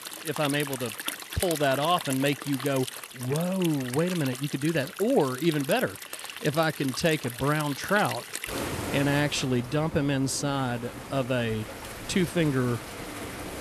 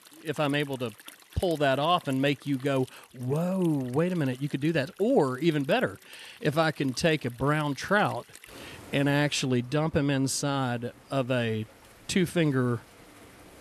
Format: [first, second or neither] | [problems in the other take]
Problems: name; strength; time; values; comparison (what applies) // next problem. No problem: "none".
second | rain or running water; loud; throughout; 9 dB below the speech; faint in the second